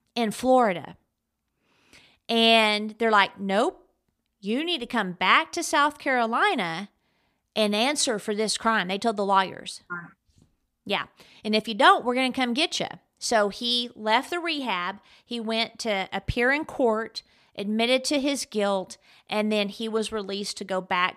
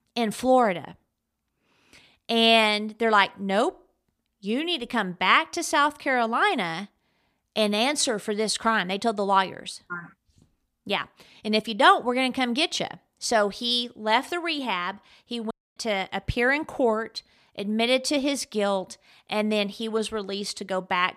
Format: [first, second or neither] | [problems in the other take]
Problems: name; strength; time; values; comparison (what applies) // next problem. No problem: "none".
first | audio cutting out; at 16 s